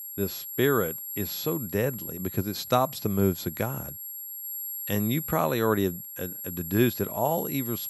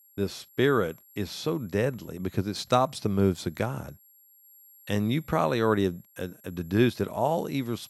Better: second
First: high-pitched whine; loud; throughout; 11.5 kHz, 6 dB below the speech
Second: high-pitched whine; faint; throughout; 11.5 kHz, 25 dB below the speech

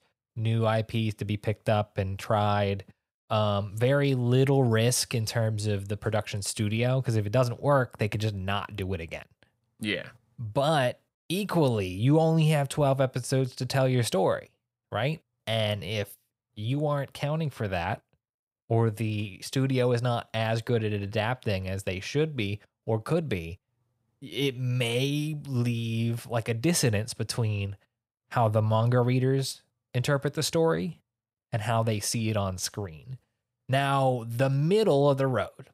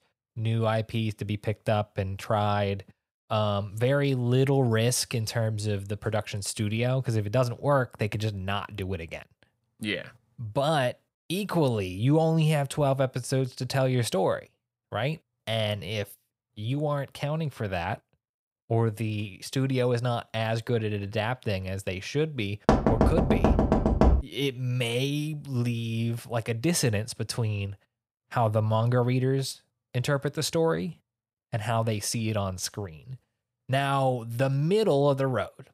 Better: first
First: none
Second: door banging; loud; from 23 to 24 s; peak 5 dB above the speech

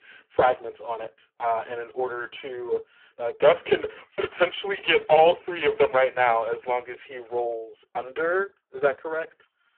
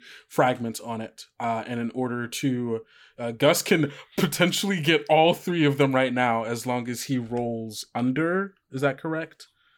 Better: second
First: phone-call audio; poor line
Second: none

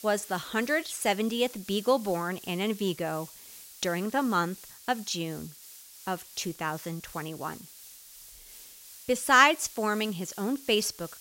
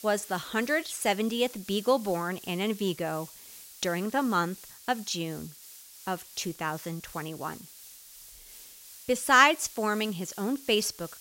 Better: neither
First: hiss; noticeable; throughout; 15 dB below the speech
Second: hiss; noticeable; throughout; 15 dB below the speech

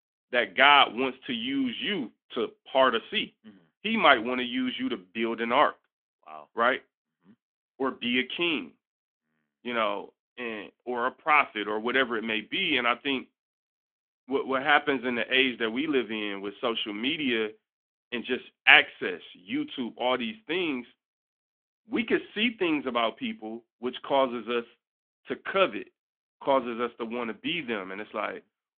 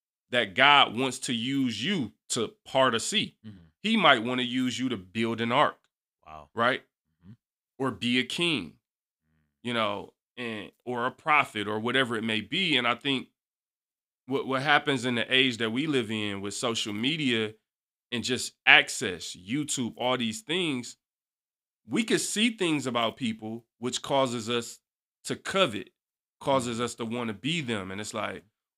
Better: second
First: phone-call audio; nothing above 3.5 kHz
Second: none

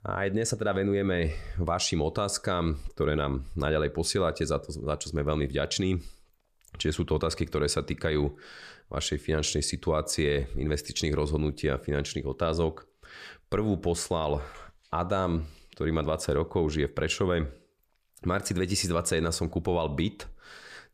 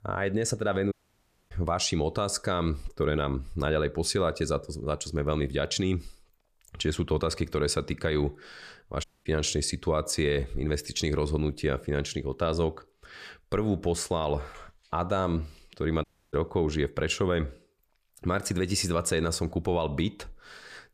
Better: first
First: none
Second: audio cutting out; at 1 s for 0.5 s, at 9 s and at 16 s

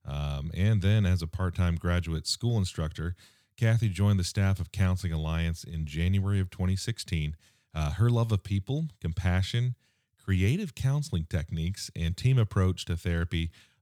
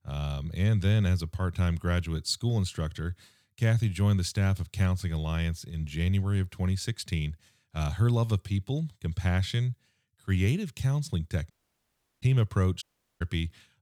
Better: first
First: none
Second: audio cutting out; at 12 s for 0.5 s and at 13 s

